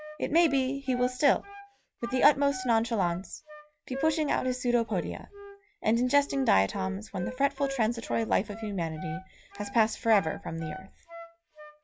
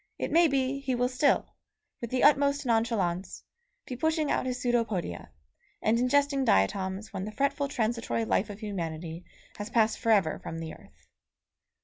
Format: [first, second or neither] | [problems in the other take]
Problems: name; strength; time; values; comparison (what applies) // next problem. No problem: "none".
second | background sound (Wind instrument, woodwind instrument); 14 dB below the speech